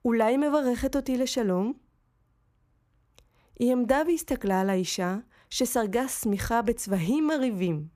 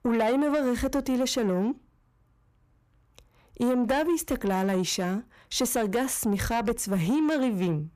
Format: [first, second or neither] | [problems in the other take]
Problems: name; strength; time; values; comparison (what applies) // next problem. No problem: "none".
first | distortion; slight; 10 dB below the speech